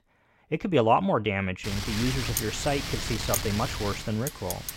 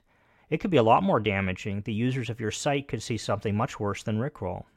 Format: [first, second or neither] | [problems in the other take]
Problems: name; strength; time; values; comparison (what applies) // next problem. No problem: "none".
second | wind noise on the microphone; heavy; from 1.5 s on; 5 dB below the speech